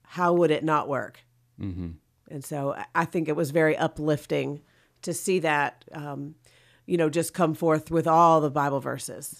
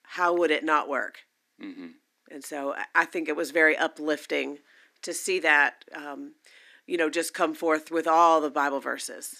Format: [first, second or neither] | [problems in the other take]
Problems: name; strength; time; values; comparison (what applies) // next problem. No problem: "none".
first | thin; somewhat; fading below 250 Hz